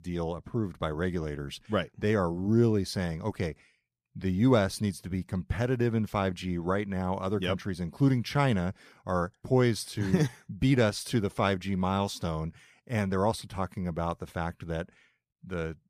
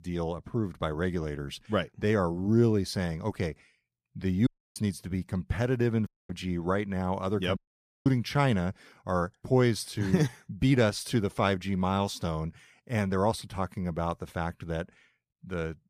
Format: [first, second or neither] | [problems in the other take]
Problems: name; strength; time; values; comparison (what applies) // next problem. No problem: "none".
first | audio cutting out; at 4.5 s, at 6 s and at 7.5 s